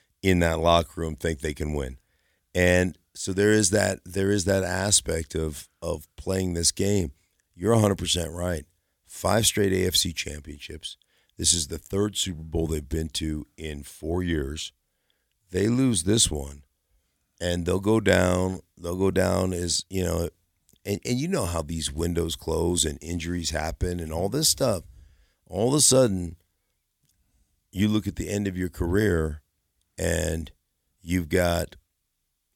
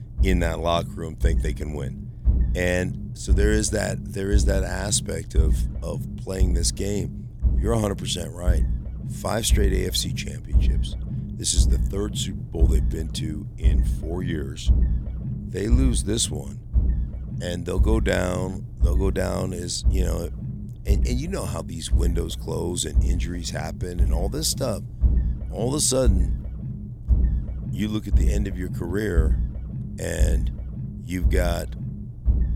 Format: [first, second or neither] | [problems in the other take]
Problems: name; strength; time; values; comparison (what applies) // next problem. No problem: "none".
first | low rumble; noticeable; throughout; 15 dB below the speech